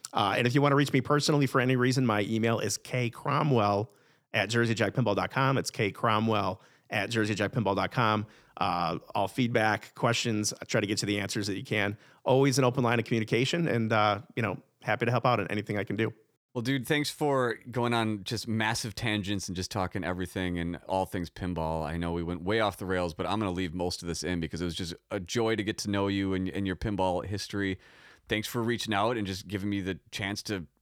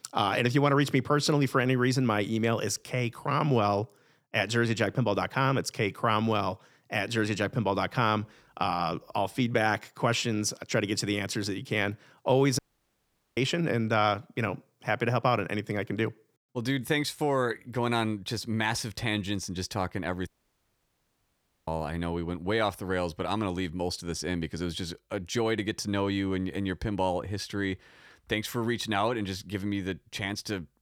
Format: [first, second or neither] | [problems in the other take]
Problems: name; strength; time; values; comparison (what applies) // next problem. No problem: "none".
first | audio cutting out; at 13 s for 1 s and at 20 s for 1.5 s